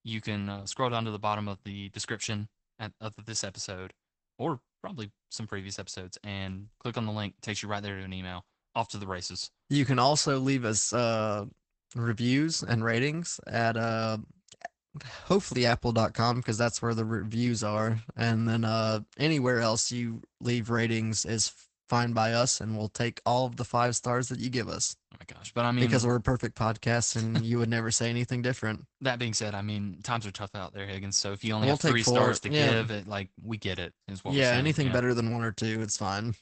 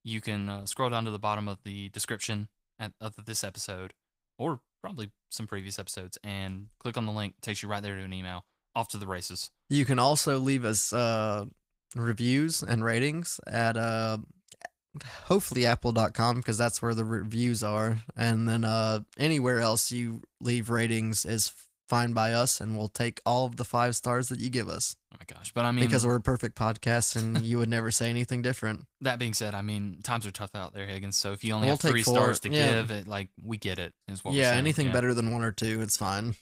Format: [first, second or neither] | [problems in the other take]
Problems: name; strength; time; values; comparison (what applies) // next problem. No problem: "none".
second | garbled, watery; badly; nothing above 8 kHz; slightly in the second